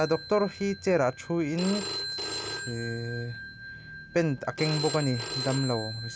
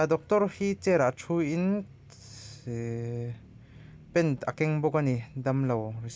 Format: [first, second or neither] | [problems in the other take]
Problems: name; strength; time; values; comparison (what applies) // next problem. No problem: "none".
second | background sound (Telephone); 8 dB below the speech